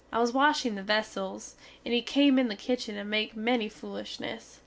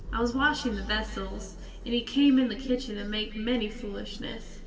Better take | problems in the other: first | background sound (Idling / Engine starting / Motor vehicle (road)); 11 dB below the speech // room echo; dies away in 1.8 s

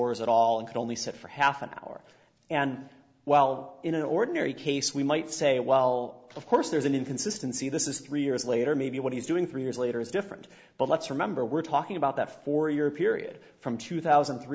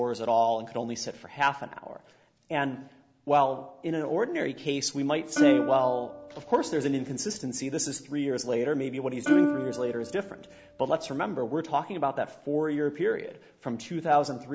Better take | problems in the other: first | background sound (Plucked string instrument); 1 dB below the speech

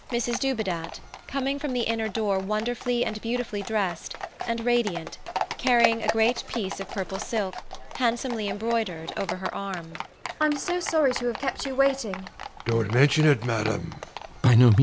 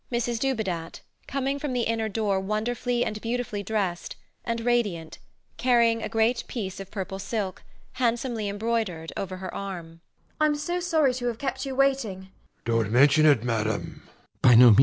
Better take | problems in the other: second | background sound (Livestock, farm animals, working animals); 11 dB below the speech

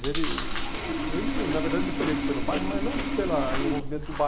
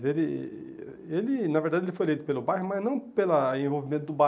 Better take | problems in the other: second | background sound (Chewing, mastication + Sawing); 3 dB above the speech

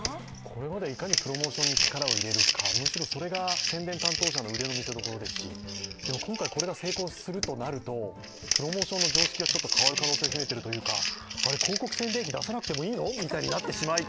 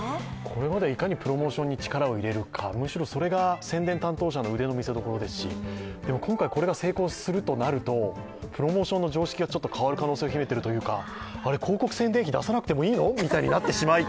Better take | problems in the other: second | background sound (Crumpling, crinkling); 3 dB above the speech

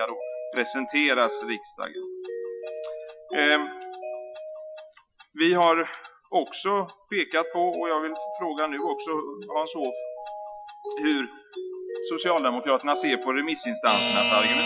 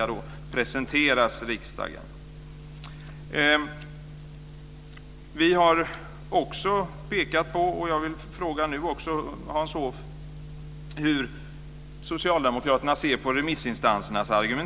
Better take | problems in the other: second | noise reduction (classical method Wiener filter)

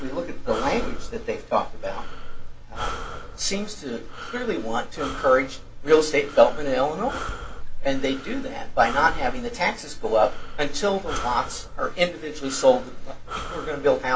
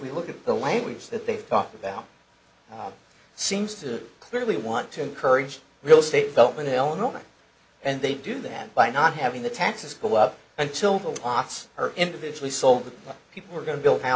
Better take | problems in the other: second | background sound (Breathing); 5 dB below the speech // room echo; dies away in 0.1 s

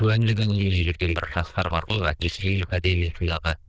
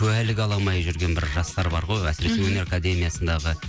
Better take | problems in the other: second | noise reduction (neural diffusion model UNIVERSE++)

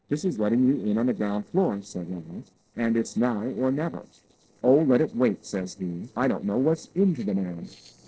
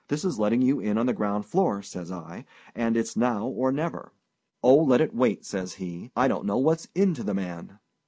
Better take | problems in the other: second | noise reduction (neural separator model SepFormer DNS4)

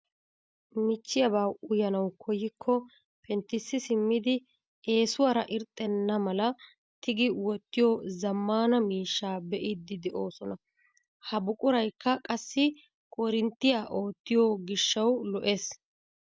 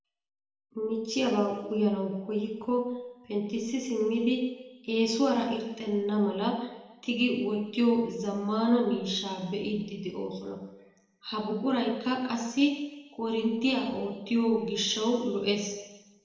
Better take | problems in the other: first | room echo; dies away in 1 s

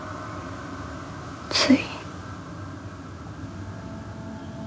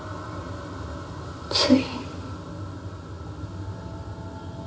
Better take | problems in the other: first | room echo; dies away in 1.5 s

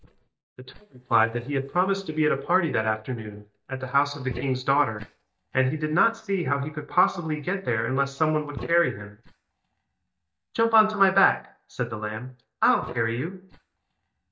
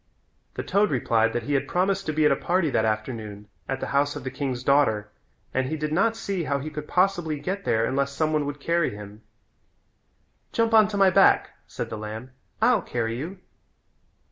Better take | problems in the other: second | noise reduction (neural mask model DeepFilterNet 3)

